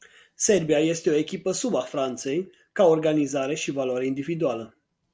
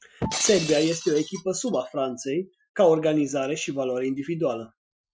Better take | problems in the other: first | noise reduction (classical method Wiener filter)

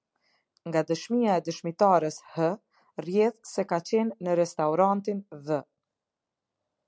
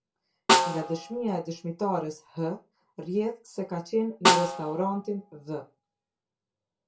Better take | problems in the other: first | background sound (Snare drum); 3 dB above the speech // room echo; dies away in 0.2 s

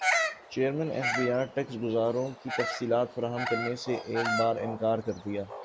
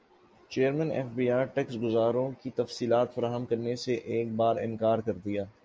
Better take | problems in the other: second | background sound (Bird vocalization, bird call, bird song); 4 dB below the speech

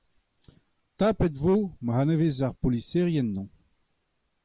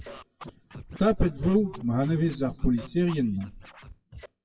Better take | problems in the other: first | noise reduction (classical method WPE with log-MMSE)

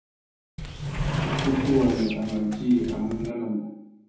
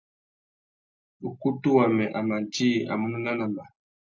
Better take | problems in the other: second | background sound (Sliding door); 4 dB below the speech // room echo; dies away in 0.9 s

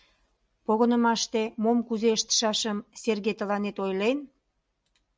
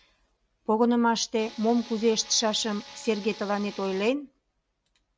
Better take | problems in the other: first | background sound (Tools); 18 dB below the speech

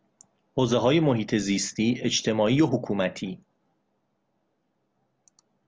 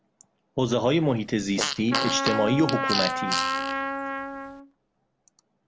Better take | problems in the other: first | background sound (Trumpet + Fart); 2 dB below the speech

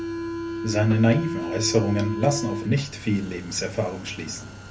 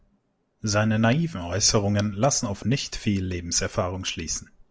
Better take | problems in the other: second | background sound (Subway, metro, underground); 7 dB below the speech // room echo; dies away in 0.3 s

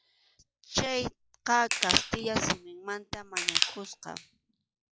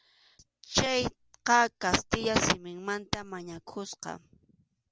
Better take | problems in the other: second | noise reduction (classical method log-MMSE)

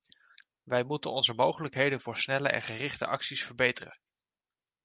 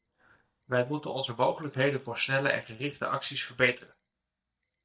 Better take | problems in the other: first | noise reduction (neural mask model DeepFilterNet 3)

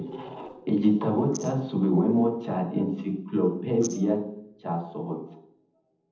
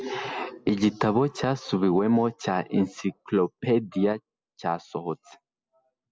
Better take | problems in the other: second | noise reduction (neural separator model SepFormer DNS4)

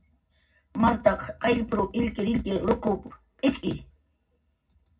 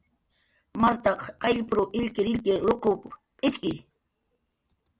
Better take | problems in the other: second | room echo; dies away in 0.4 s

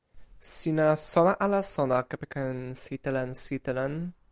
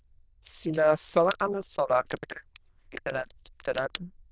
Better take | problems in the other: first | noise reduction (neural diffusion model UNIVERSE++)

